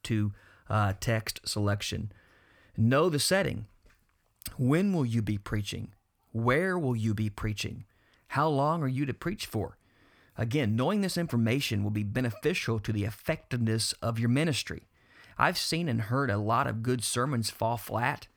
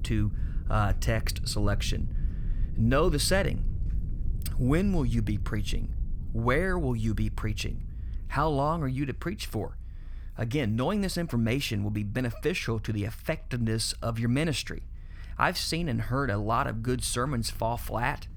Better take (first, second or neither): first